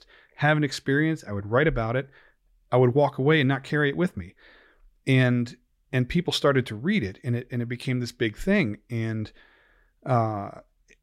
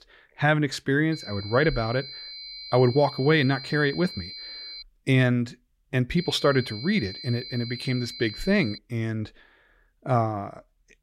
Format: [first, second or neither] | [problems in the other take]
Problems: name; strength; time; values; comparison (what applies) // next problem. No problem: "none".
first | high-pitched whine; noticeable; from 1 to 5 s and from 6 to 9 s; 4 kHz, 10 dB below the speech